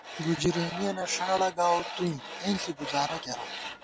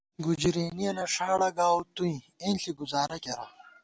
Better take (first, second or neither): second